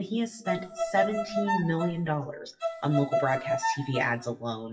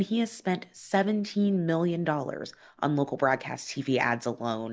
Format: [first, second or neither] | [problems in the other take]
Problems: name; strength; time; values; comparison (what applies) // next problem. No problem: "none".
second | noise reduction (classical method WPE with log-MMSE)